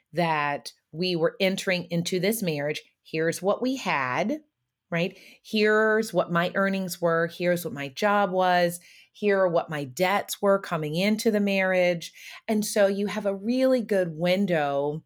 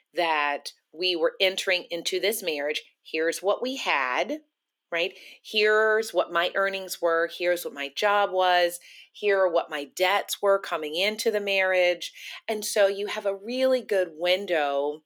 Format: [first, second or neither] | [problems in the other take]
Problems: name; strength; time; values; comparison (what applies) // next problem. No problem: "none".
first | thin; somewhat; fading below 300 Hz